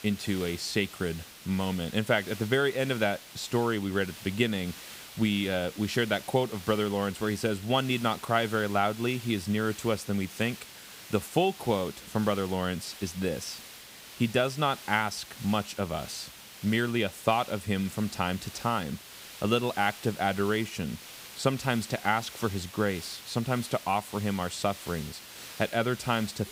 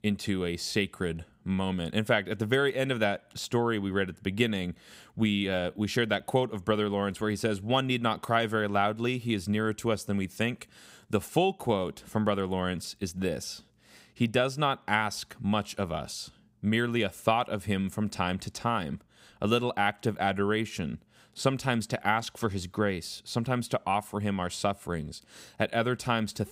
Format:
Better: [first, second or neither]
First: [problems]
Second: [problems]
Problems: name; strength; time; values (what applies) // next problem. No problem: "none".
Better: second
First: hiss; noticeable; throughout; 15 dB below the speech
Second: none